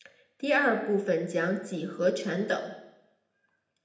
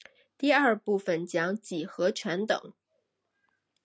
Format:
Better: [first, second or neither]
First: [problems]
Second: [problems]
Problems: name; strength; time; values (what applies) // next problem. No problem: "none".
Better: second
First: room echo; dies away in 0.8 s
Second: none